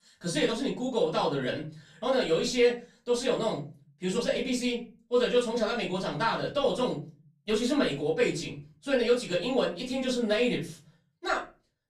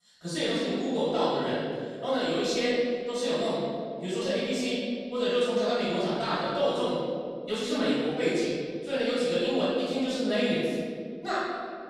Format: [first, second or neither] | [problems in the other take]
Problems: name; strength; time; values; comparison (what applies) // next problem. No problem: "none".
first | room echo; strong; dies away in 2.1 s; slight in the first // off-mic speech; far; far in the first